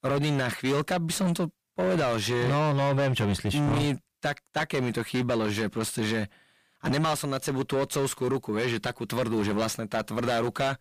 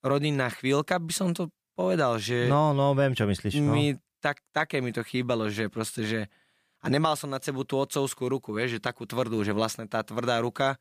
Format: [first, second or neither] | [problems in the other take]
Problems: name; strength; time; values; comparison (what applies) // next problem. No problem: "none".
second | distortion; heavy; 7 dB below the speech